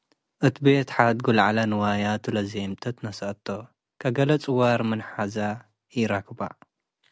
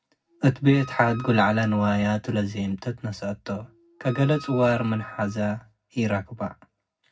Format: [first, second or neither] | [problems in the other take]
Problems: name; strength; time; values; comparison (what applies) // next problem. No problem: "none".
first | background sound (Wind instrument, woodwind instrument); 19 dB below the speech // room echo; dies away in 0.4 s